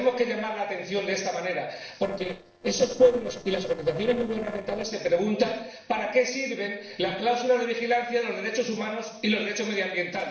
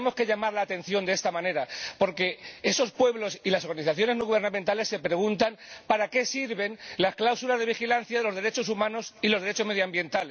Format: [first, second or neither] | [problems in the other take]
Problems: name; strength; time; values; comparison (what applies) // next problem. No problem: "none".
second | noise reduction (neural separator model SepFormer DNS4)